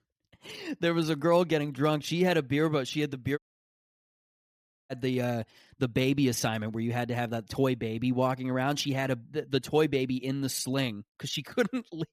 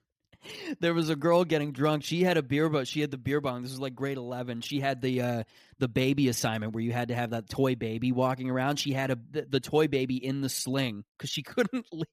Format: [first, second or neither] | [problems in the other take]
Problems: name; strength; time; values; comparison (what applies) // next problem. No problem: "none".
second | audio cutting out; at 3.5 s for 1.5 s